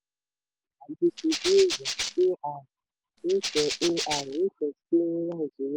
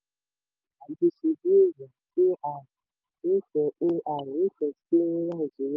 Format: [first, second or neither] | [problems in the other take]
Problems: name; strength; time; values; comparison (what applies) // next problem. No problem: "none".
second | background sound (Rattle (instrument)); 5 dB below the speech